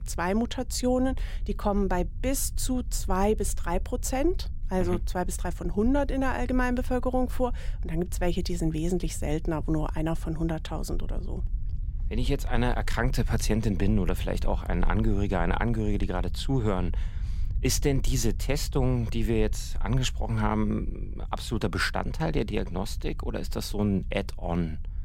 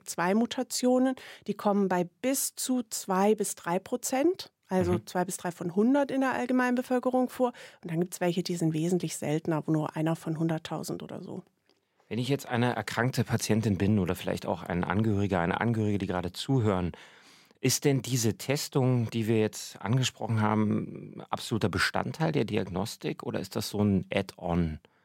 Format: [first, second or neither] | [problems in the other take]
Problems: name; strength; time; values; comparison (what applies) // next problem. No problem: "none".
second | low rumble; faint; throughout; 25 dB below the speech